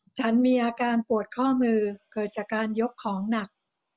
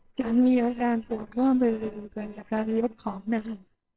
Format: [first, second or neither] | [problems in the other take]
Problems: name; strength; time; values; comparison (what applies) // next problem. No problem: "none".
first | noise reduction (neural separator model SepFormer WHAMR!)